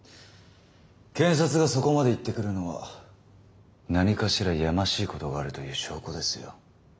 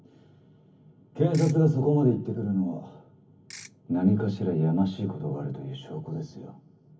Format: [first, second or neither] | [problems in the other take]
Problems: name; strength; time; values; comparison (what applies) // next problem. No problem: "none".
first | background sound (Ratchet, pawl / Percussion); 18 dB below the speech // room echo; dies away in 0.3 s